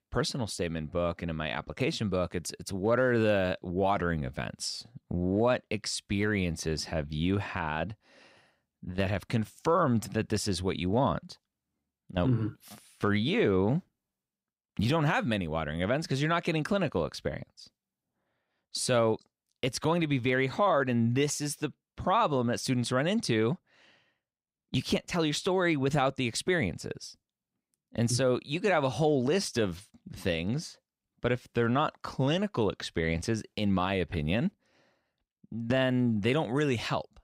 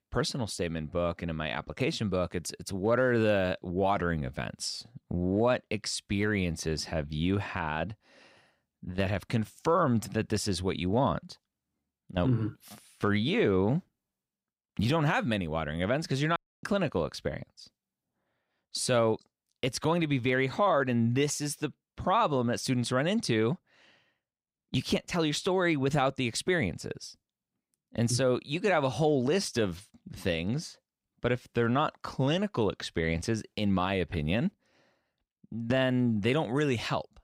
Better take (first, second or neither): first